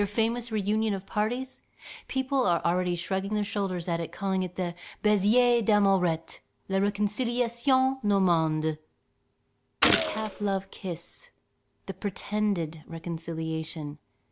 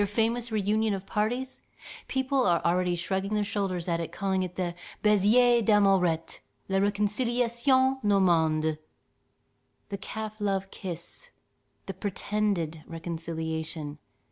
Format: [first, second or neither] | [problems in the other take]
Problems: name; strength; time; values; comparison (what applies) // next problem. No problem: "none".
second | background sound (Gunshot, gunfire); 2 dB below the speech